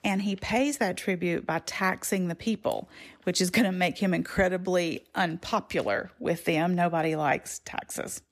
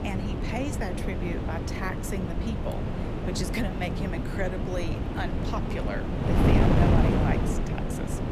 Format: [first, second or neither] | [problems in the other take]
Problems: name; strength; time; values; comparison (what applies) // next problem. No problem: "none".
first | wind noise on the microphone; heavy; 2 dB above the speech